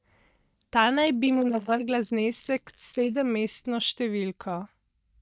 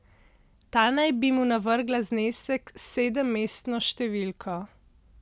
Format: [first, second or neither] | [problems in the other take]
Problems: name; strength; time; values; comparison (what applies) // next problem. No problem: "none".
second | noise reduction (neural mask model DeepFilterNet 3)